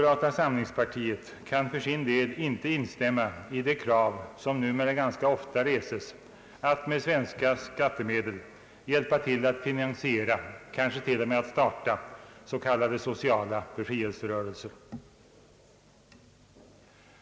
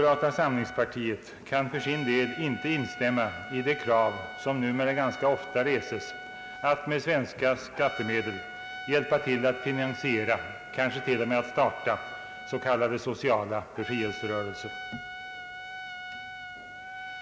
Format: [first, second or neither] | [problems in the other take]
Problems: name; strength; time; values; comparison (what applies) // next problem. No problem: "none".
first | background sound (Trumpet); 12 dB below the speech